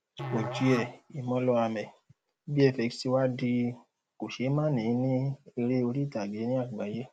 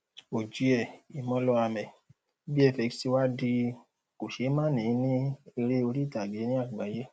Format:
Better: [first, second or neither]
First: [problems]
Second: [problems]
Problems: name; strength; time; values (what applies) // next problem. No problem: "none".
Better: second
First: background sound (Musical instrument); 11 dB below the speech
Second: none